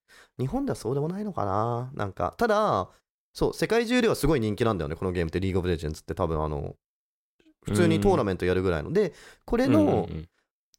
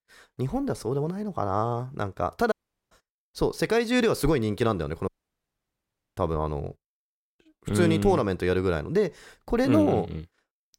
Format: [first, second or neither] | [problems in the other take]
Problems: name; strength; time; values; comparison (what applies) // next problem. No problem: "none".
first | audio cutting out; at 2.5 s and at 5 s for 1 s